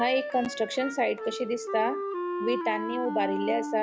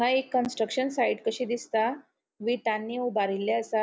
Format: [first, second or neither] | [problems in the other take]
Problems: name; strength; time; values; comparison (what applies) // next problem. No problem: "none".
second | background sound (Wind instrument, woodwind instrument); 5 dB below the speech